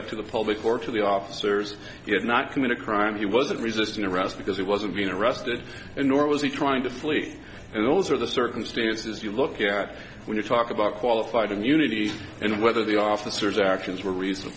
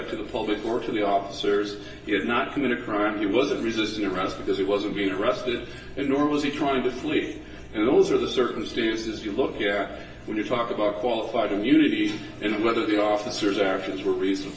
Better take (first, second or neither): first